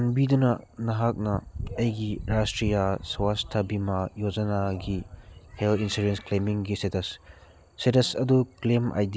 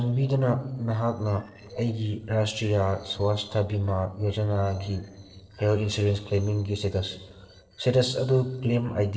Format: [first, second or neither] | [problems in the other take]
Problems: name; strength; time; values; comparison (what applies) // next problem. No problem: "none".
first | noise reduction (neural separator model SepFormer DNS4)